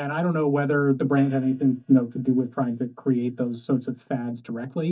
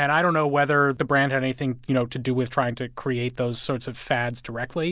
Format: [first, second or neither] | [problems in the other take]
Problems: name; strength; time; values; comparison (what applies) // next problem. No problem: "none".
second | noise reduction (neural mask model DeepFilterNet 3)